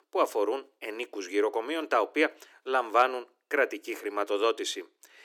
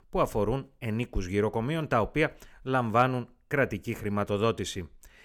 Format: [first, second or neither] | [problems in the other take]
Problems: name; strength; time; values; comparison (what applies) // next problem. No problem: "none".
second | thin; very; fading below 300 Hz